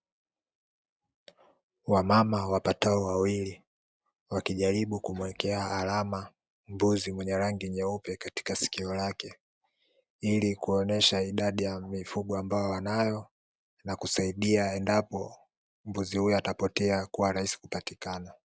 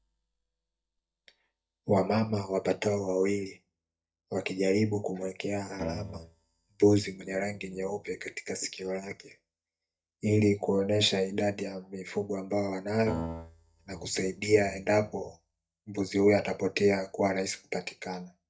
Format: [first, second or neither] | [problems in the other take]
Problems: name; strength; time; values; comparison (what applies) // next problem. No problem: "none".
first | noise reduction (neural mask model DeepFilterNet 3)